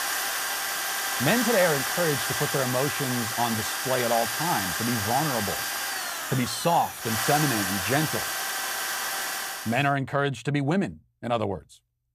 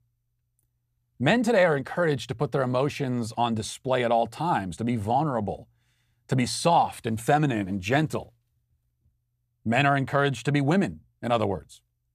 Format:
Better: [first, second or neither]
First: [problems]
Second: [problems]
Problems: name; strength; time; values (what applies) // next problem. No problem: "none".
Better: second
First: machinery noise; loud; until 9.5 s; as loud as the speech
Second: none